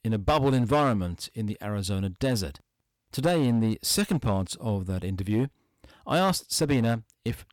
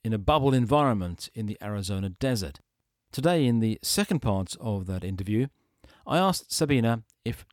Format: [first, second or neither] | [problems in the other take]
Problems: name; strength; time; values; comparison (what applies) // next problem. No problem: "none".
second | distortion; slight; 4% of the sound clipped